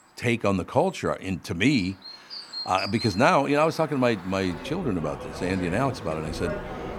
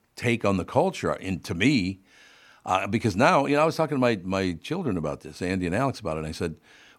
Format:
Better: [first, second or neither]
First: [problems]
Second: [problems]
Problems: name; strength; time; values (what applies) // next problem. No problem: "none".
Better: second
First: animal sounds; noticeable; throughout; 10 dB below the speech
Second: none